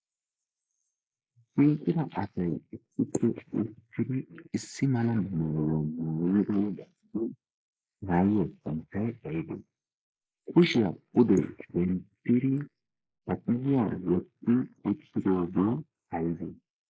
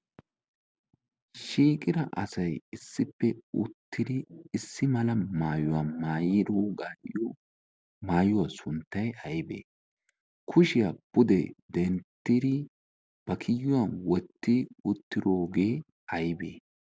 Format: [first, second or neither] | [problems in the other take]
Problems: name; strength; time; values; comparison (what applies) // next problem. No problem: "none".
second | noise reduction (neural mask model Resemble Enhance denoiser)